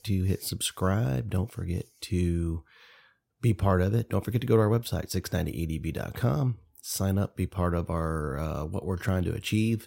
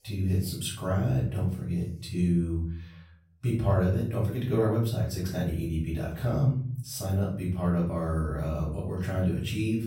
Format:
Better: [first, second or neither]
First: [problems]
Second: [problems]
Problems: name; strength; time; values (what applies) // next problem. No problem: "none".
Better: first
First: none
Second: off-mic speech; far // room echo; noticeable; dies away in 0.5 s